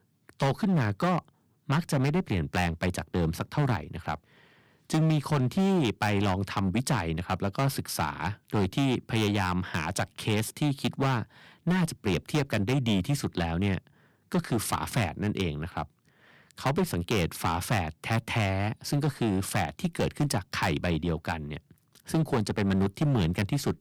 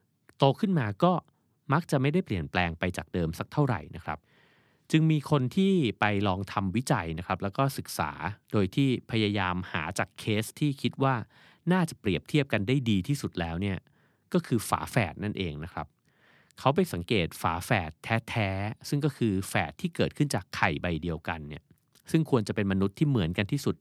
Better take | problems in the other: second | distortion; heavy; 10% of the sound clipped

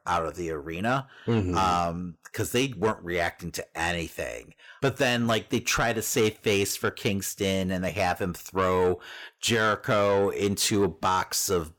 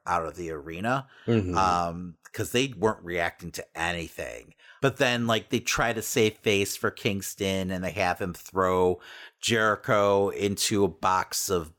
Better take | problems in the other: second | distortion; slight; 10 dB below the speech

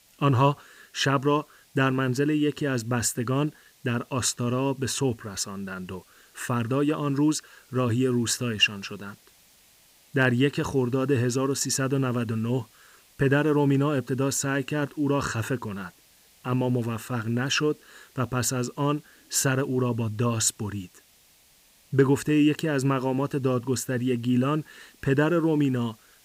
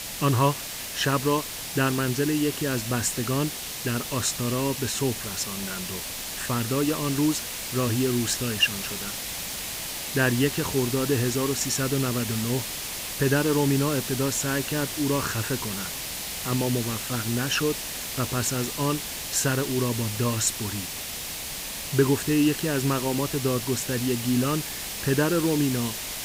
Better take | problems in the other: first | hiss; loud; throughout; 5 dB below the speech; faint in the first

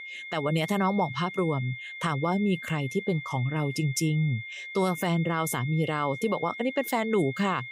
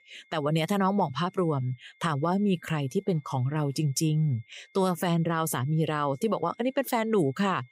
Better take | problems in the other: second | high-pitched whine; loud; throughout; 2 kHz, 10 dB below the speech; faint in the second

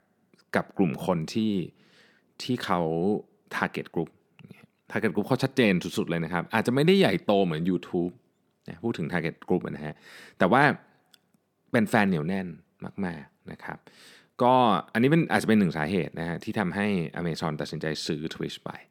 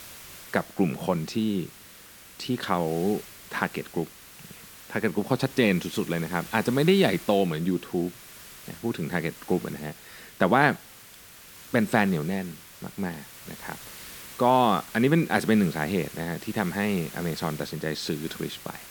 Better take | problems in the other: first | hiss; noticeable; throughout; 15 dB below the speech

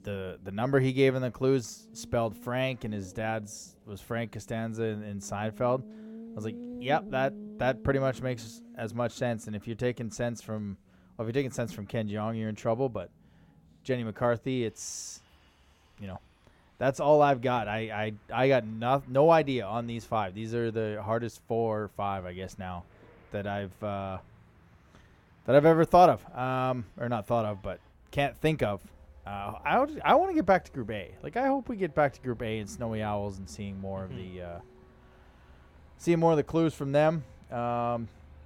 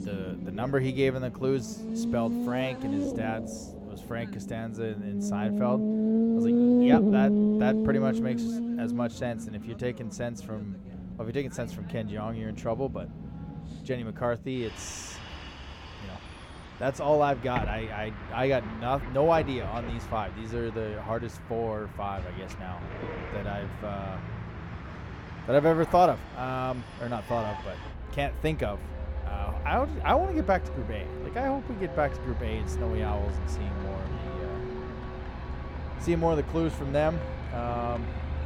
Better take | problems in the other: first | traffic noise; loud; throughout; 2 dB below the speech; faint in the first

